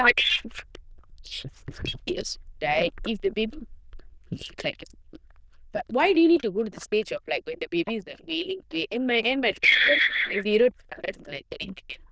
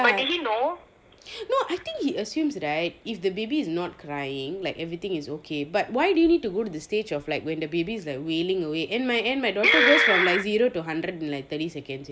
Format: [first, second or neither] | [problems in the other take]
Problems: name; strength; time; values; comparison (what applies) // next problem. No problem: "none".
second | noise reduction (neural diffusion model UNIVERSE++)